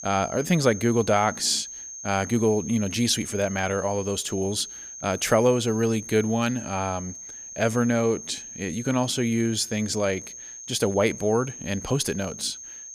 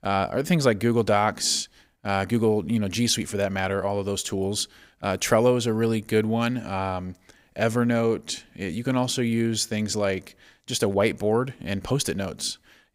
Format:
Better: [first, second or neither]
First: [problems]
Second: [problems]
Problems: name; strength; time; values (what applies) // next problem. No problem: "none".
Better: second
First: high-pitched whine; noticeable; throughout; 6.5 kHz, 10 dB below the speech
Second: none